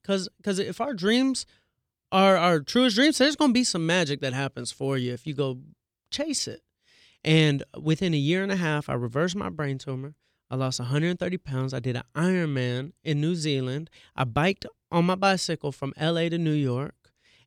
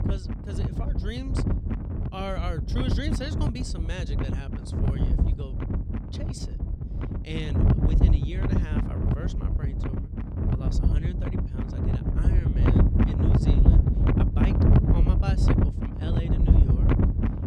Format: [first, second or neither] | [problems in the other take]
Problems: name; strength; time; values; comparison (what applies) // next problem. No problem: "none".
first | wind noise on the microphone; heavy; 4 dB above the speech